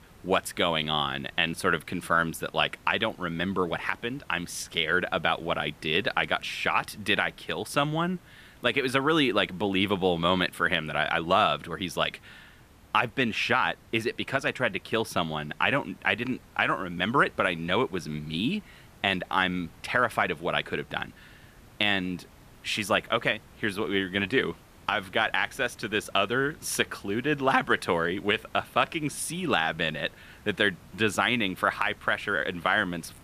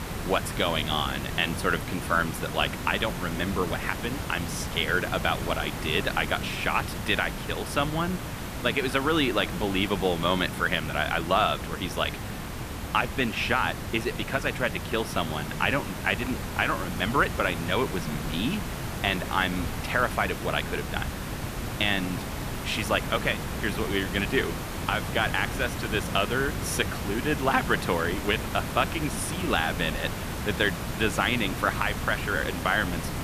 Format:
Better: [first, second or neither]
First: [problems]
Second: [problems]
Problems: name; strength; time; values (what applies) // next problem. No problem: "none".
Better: first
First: hiss; faint; throughout; 25 dB below the speech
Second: hiss; loud; throughout; 6 dB below the speech